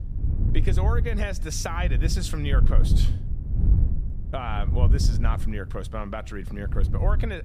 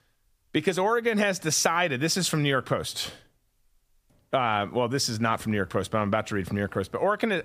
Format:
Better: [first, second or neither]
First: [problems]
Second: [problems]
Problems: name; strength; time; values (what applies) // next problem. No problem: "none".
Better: second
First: wind noise on the microphone; heavy; 8 dB below the speech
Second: none